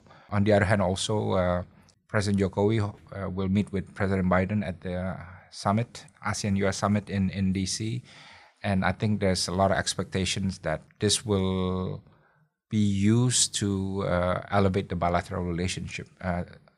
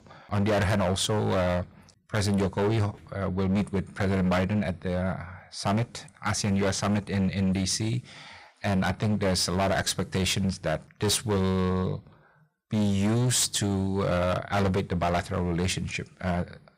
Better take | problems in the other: first | distortion; heavy; 16% of the sound clipped

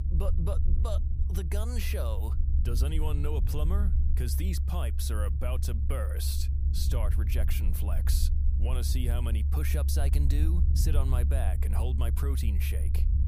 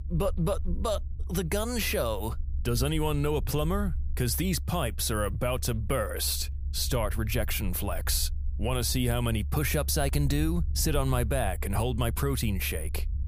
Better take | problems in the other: second | low rumble; loud; throughout; 6 dB below the speech; faint in the second

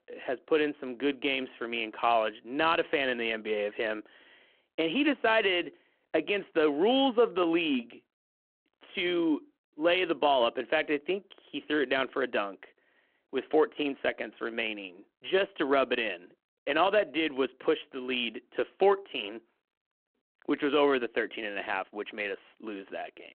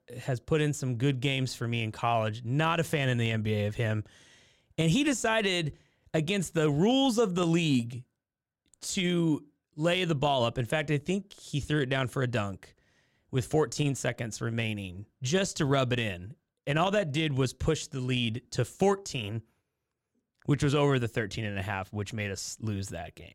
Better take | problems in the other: second | phone-call audio

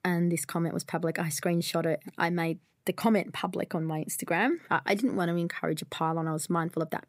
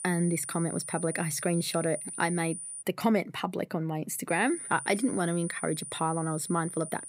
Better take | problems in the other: first | high-pitched whine; loud; until 3 s and from 4.5 s on; 9.5 kHz, 7 dB below the speech

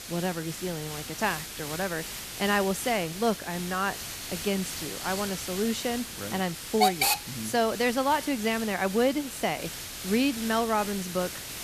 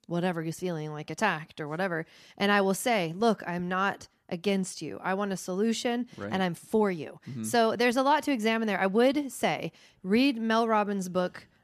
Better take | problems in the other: second | hiss; loud; throughout; 4 dB below the speech

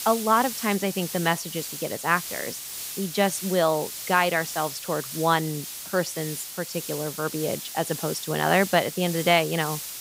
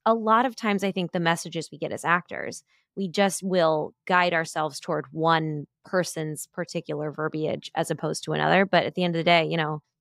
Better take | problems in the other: second | hiss; loud; throughout; 8 dB below the speech

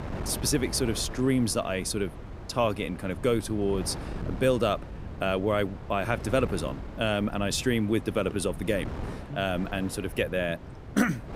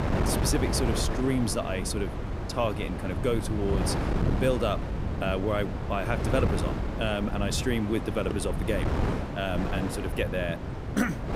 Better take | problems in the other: first | wind noise on the microphone; heavy; 4 dB below the speech; occasional gusts in the first

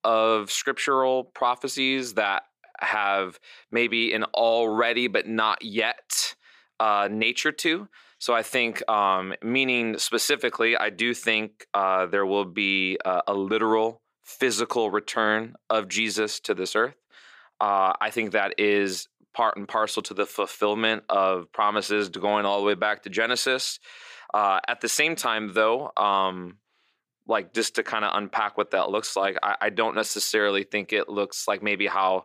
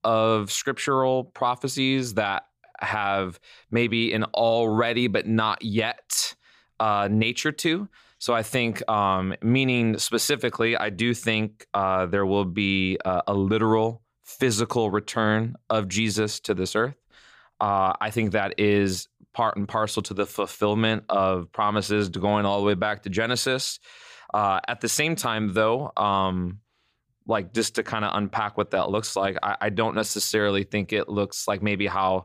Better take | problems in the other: second | thin; somewhat; fading below 350 Hz

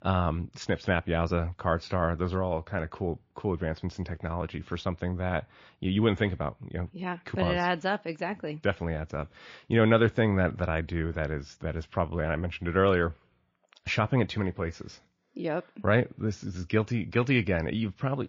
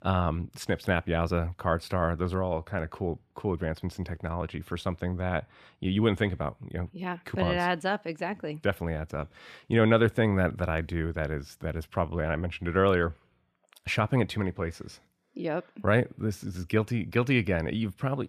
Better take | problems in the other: second | garbled, watery; slightly; nothing above 6.5 kHz

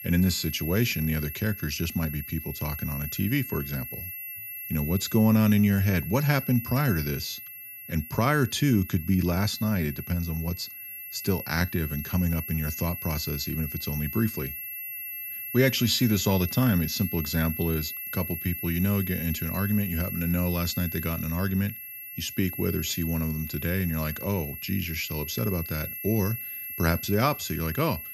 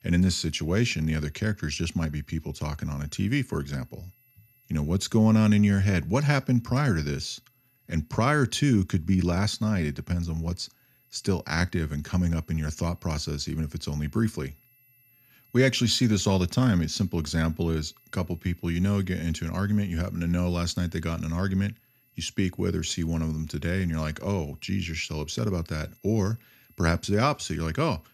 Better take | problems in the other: second | high-pitched whine; loud; throughout; 11.5 kHz, 7 dB below the speech; faint in the second

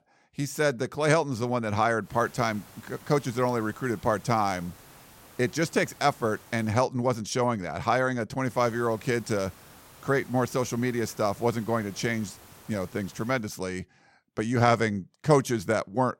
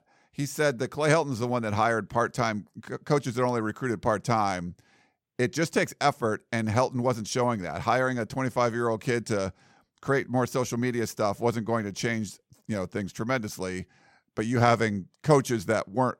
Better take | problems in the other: second | hiss; faint; from 2 to 6.5 s and from 8.5 to 13 s; 25 dB below the speech

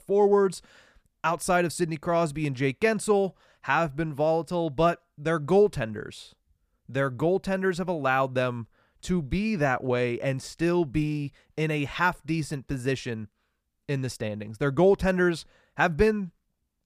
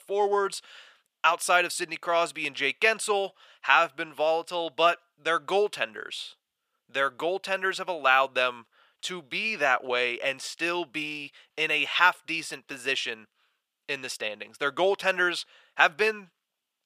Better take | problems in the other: first | thin; very; fading below 600 Hz

